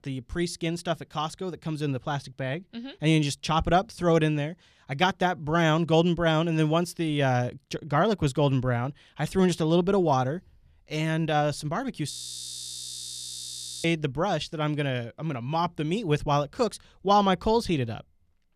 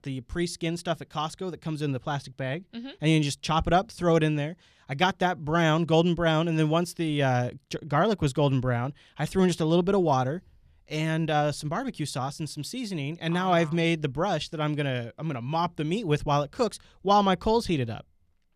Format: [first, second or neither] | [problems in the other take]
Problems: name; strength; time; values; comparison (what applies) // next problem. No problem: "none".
second | audio freezing; at 12 s for 1.5 s